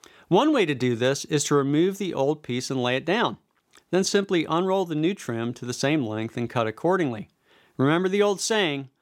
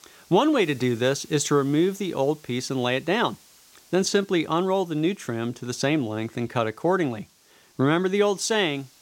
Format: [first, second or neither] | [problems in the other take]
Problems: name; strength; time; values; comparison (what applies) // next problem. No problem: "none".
first | hiss; faint; throughout; 30 dB below the speech